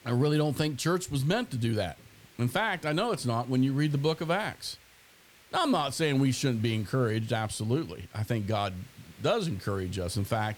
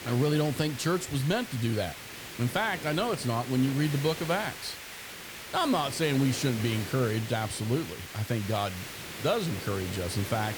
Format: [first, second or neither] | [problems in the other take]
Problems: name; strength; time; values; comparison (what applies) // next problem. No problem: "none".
first | hiss; loud; throughout; 9 dB below the speech; faint in the first